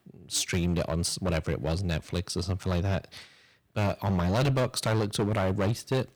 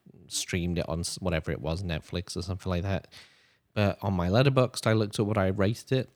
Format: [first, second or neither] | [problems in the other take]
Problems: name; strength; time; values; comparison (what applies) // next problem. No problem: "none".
second | distortion; heavy; 10% of the sound clipped